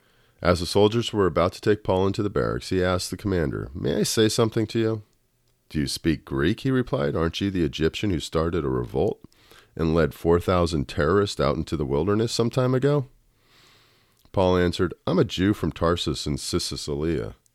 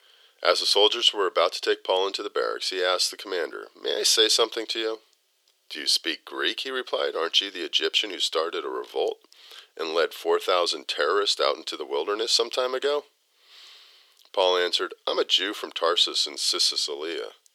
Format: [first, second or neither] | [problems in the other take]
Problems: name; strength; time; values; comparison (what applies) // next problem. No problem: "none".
first | thin; very; fading below 400 Hz